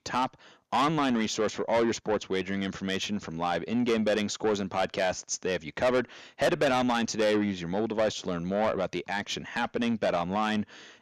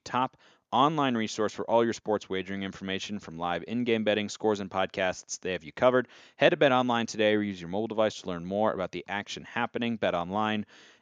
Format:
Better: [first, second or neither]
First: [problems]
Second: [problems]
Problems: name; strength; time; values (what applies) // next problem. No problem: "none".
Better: second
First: distortion; heavy; 7 dB below the speech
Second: none